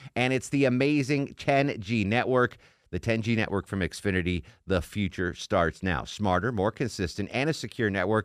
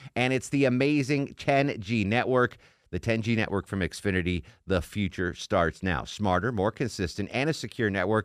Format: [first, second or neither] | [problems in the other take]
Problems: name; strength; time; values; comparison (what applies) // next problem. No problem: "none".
neither | none